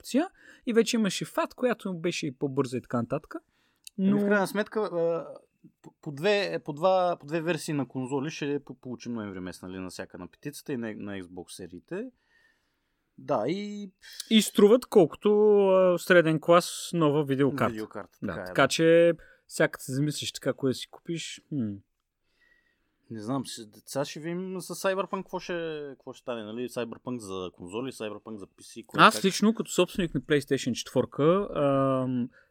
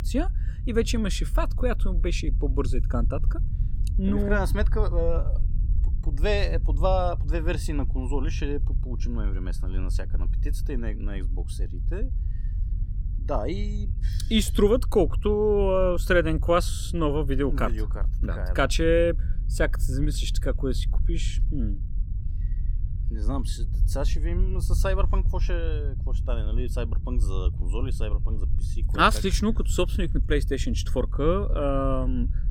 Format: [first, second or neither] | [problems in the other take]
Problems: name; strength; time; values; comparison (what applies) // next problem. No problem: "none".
first | low rumble; faint; throughout; 20 dB below the speech